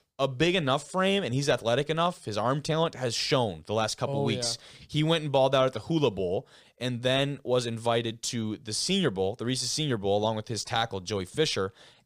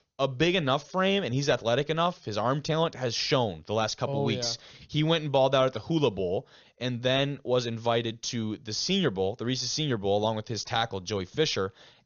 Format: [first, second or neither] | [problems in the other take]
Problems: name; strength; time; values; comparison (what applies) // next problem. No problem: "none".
first | garbled, watery; slightly; nothing above 6.5 kHz